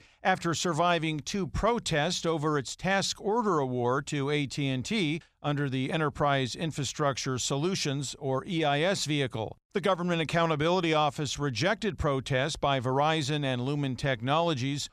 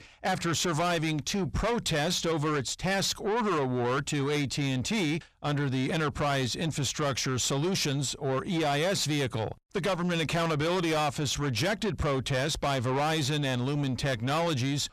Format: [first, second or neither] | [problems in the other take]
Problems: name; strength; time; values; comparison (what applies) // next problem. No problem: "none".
first | distortion; heavy; 7 dB below the speech